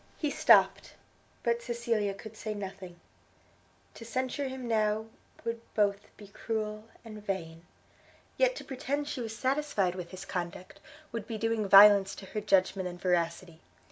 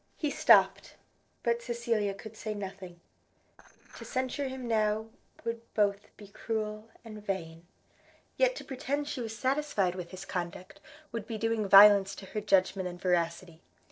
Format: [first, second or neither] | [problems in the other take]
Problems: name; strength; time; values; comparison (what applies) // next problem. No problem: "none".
first | noise reduction (neural separator model SepFormer DNS4)